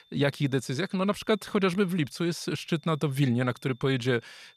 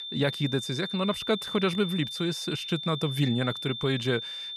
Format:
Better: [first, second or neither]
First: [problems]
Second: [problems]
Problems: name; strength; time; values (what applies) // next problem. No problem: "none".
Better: first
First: high-pitched whine; faint; throughout; 3.5 kHz, 30 dB below the speech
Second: high-pitched whine; loud; throughout; 3.5 kHz, 6 dB below the speech